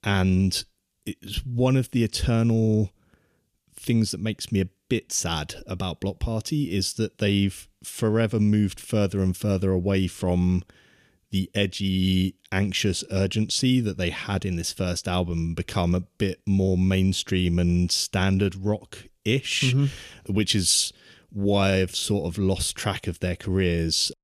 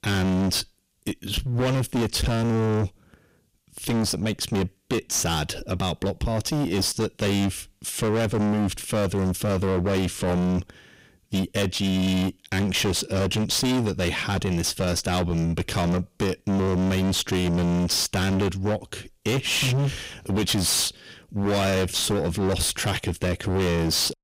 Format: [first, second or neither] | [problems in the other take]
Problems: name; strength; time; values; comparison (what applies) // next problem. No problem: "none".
first | distortion; heavy; 31% of the sound clipped